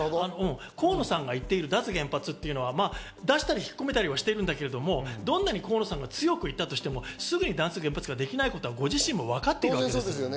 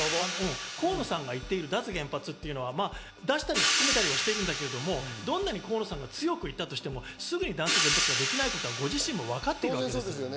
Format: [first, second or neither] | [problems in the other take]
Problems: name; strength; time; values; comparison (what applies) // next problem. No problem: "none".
first | background sound (Hi-hat); 1 dB below the speech